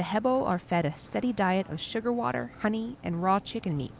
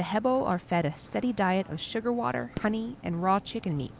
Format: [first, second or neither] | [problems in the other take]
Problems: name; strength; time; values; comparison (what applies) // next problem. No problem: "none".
first | background sound (Fireworks); 17 dB below the speech